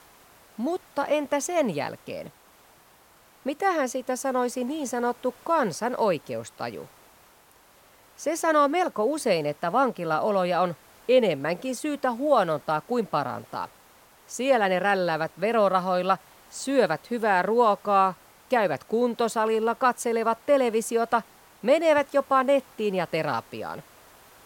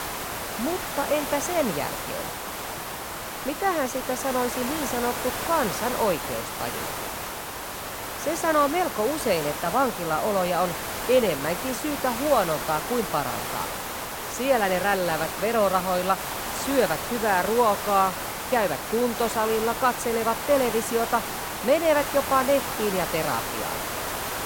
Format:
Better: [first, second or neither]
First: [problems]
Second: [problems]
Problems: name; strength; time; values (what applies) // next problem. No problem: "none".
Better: first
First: hiss; faint; throughout; 30 dB below the speech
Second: hiss; loud; throughout; 5 dB below the speech